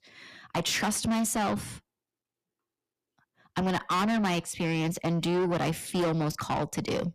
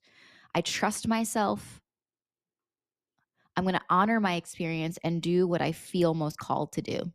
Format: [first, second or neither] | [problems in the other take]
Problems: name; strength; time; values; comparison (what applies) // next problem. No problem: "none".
second | distortion; heavy; 6 dB below the speech